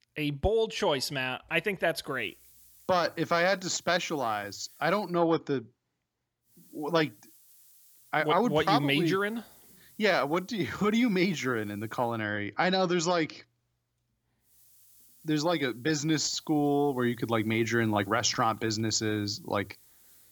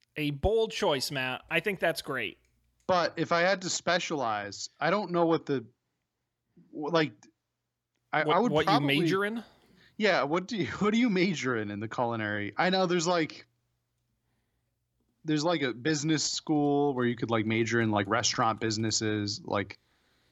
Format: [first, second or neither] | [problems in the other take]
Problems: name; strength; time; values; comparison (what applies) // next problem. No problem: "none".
second | hiss; faint; from 2 to 5 s, from 6.5 to 12 s and from 15 s on; 25 dB below the speech